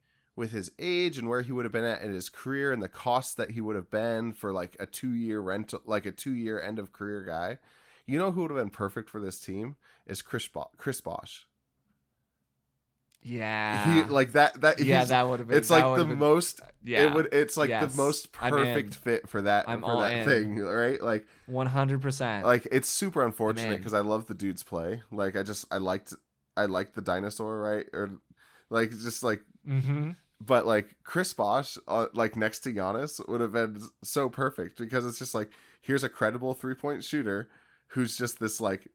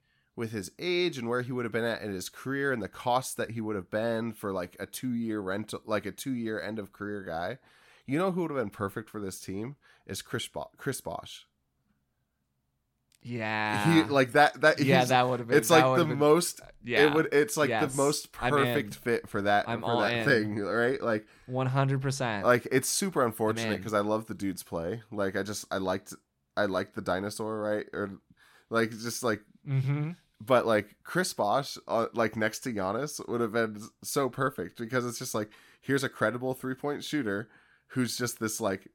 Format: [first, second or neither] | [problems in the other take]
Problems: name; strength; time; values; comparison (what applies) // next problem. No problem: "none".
second | garbled, watery; slightly; nothing above 17 kHz